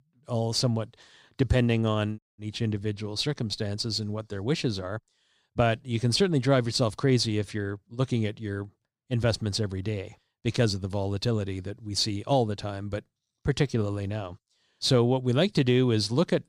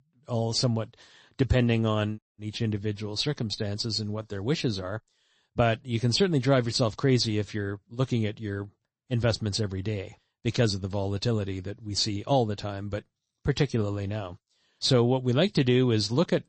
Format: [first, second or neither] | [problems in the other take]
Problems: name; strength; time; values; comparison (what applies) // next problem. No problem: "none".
first | garbled, watery; slightly; nothing above 8 kHz